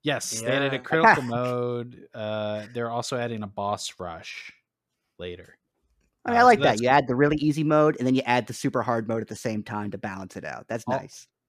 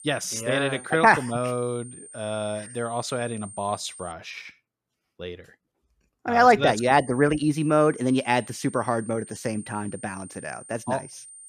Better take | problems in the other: first | high-pitched whine; noticeable; until 4 s and from 6.5 s on; 8.5 kHz, 20 dB below the speech

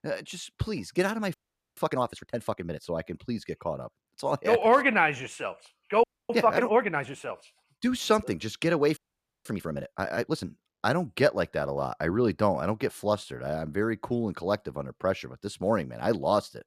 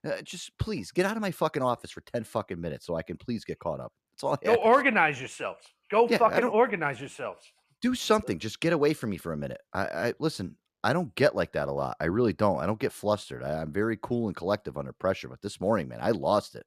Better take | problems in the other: second | audio freezing; at 1.5 s, at 6 s and at 9 s

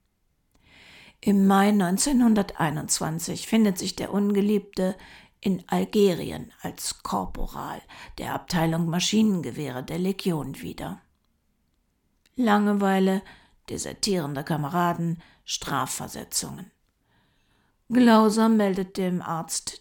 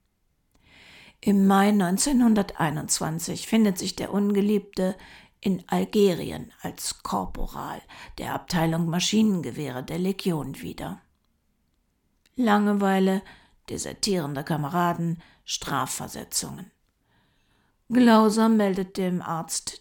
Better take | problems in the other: neither | none

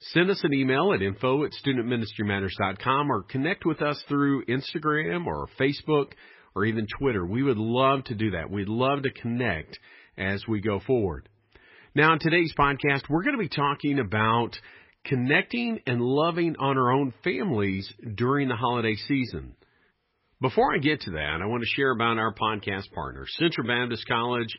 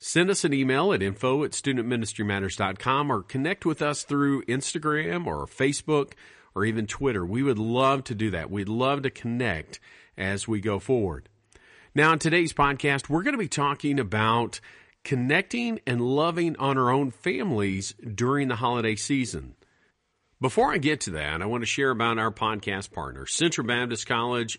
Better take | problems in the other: second | garbled, watery; badly; nothing above 5.5 kHz; slightly in the second

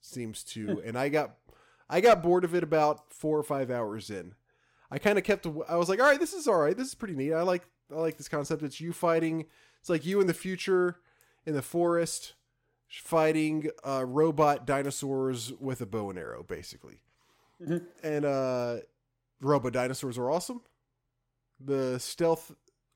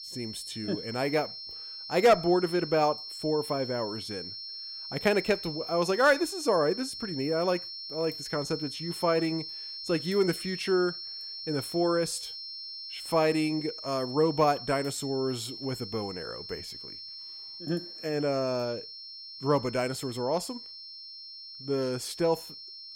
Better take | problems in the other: first | high-pitched whine; loud; throughout; 5.5 kHz, 9 dB below the speech

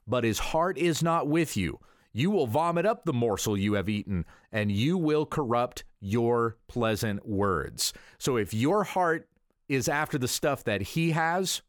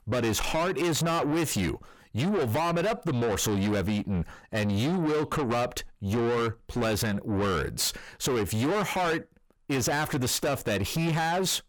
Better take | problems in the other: first | distortion; heavy; 7 dB below the speech

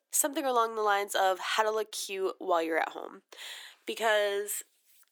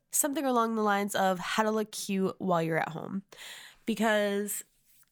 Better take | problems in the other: second | thin; very; fading below 300 Hz

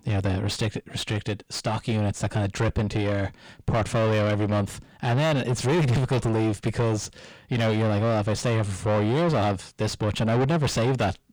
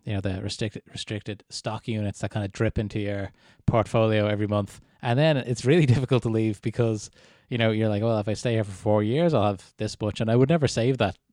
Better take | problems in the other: second | distortion; heavy; 4 dB below the speech

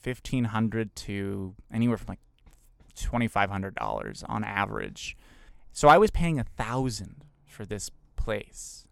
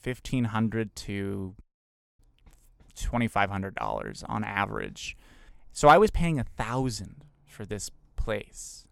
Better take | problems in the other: first | audio cutting out; at 1.5 s for 0.5 s

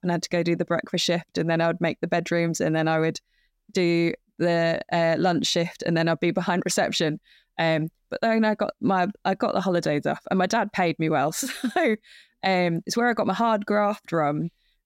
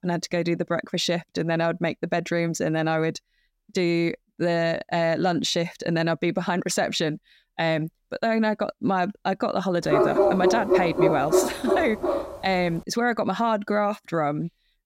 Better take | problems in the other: first | dog barking; loud; from 10 to 12 s; peak 5 dB above the speech

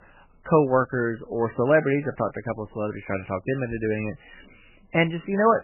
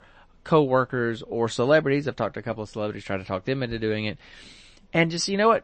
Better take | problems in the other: second | garbled, watery; badly; nothing above 2.5 kHz; slightly in the second

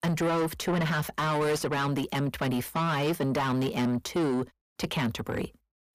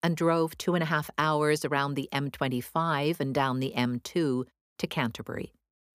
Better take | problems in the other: second | distortion; heavy; 6 dB below the speech

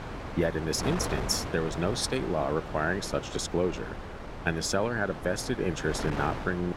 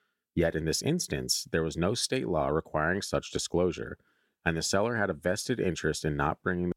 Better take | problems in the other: second | wind noise on the microphone; heavy; 8 dB below the speech

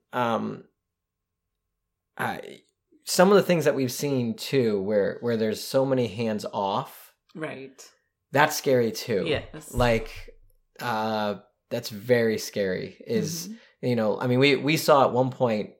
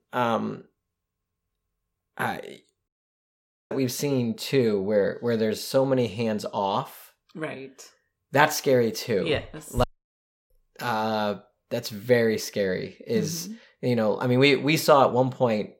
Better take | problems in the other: first | audio cutting out; at 3 s for 1 s and at 10 s for 0.5 s

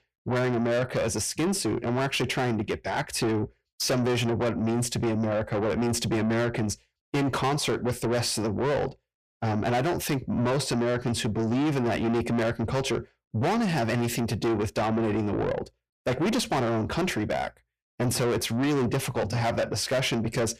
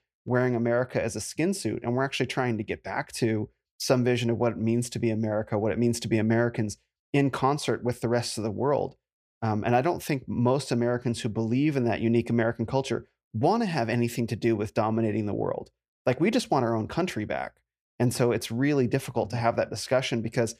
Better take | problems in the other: second | distortion; heavy; 6 dB below the speech

